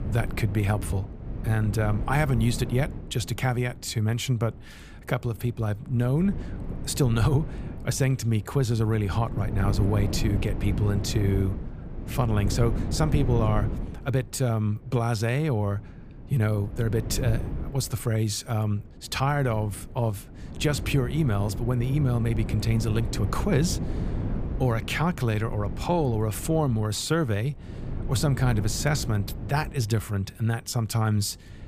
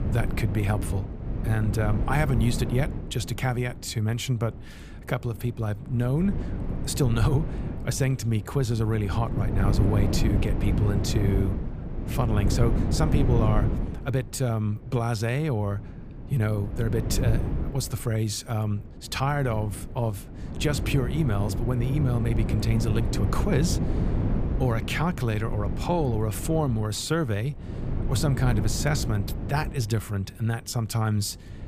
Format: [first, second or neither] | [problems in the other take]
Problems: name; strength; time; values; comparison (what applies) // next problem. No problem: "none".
first | wind noise on the microphone; heavy; 6 dB below the speech; occasional gusts in the first